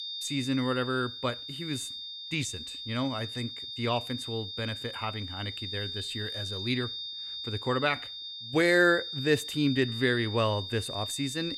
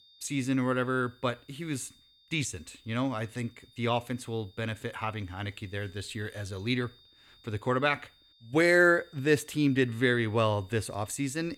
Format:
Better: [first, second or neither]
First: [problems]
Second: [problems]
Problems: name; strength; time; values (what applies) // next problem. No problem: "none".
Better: second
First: high-pitched whine; loud; throughout; 3.5 kHz, 6 dB below the speech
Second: high-pitched whine; faint; throughout; 3.5 kHz, 30 dB below the speech